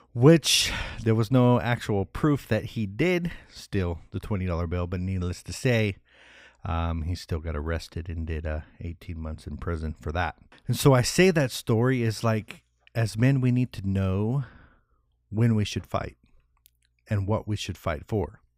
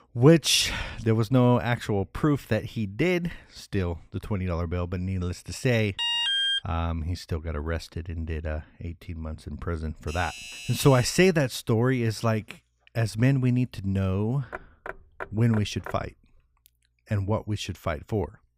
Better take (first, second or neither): first